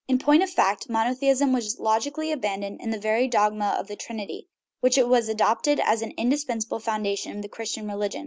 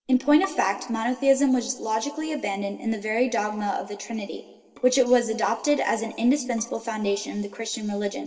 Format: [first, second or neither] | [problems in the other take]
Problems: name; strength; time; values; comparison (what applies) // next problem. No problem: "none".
first | noise reduction (neural separator model SepFormer DNS4)